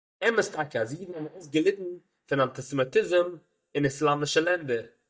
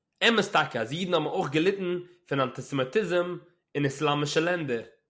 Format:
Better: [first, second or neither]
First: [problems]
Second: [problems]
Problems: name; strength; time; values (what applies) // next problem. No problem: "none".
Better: second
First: noise reduction (neural mask model DeepFilterNet 3)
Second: none